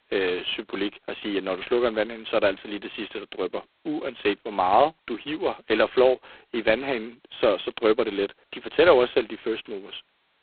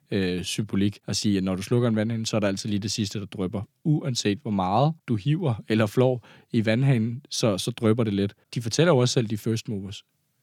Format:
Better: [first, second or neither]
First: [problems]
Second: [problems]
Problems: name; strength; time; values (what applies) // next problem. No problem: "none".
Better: second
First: phone-call audio; poor line; nothing above 4 kHz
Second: none